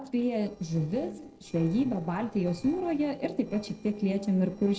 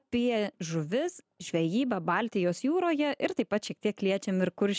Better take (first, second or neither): second